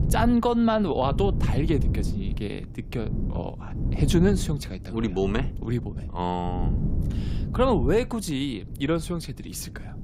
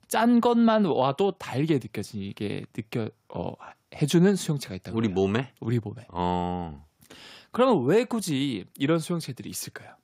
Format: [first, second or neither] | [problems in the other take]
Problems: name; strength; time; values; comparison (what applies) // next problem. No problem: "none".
second | wind noise on the microphone; occasional gusts; 15 dB below the speech